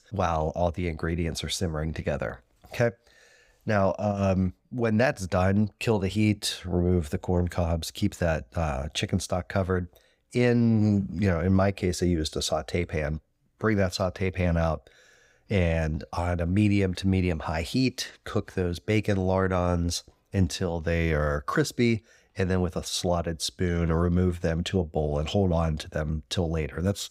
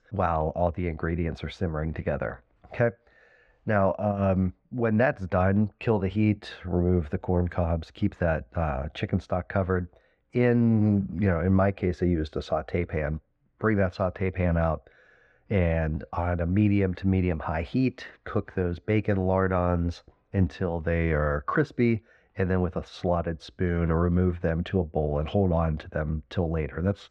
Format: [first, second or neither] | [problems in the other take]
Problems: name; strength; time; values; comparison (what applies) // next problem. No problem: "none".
first | muffled; very; fading above 1.5 kHz